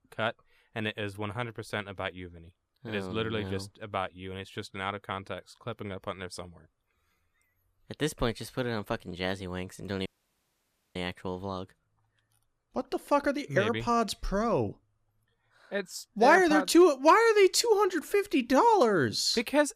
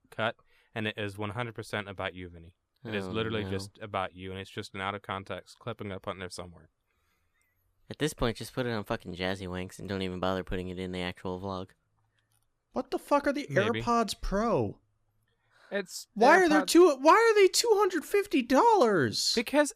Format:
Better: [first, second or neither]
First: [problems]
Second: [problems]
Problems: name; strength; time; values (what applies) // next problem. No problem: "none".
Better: second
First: audio cutting out; at 10 s for 1 s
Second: none